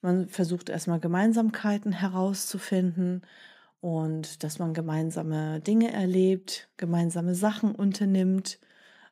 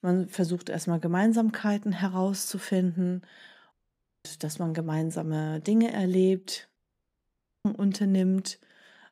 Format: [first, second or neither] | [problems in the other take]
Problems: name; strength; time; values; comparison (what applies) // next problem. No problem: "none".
first | audio cutting out; at 3.5 s for 0.5 s and at 7 s for 1 s